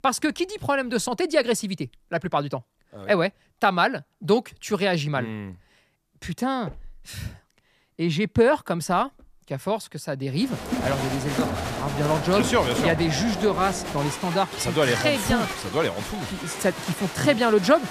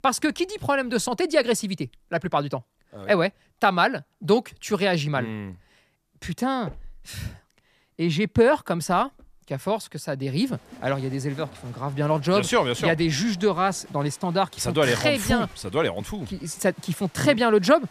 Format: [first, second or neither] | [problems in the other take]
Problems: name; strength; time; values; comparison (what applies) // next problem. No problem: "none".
second | crowd noise; loud; from 11 s on; 6 dB below the speech; faint in the second